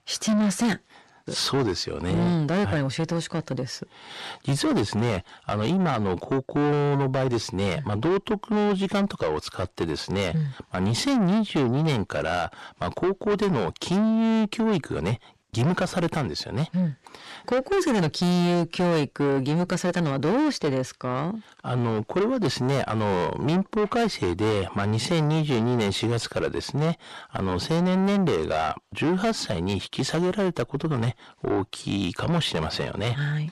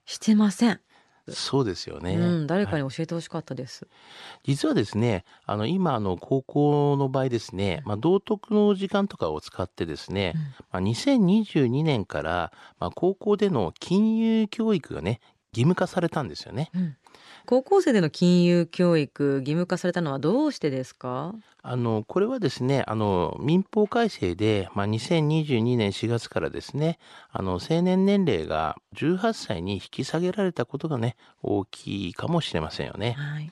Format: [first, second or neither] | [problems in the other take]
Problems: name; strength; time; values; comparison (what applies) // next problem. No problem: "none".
second | distortion; heavy; 6 dB below the speech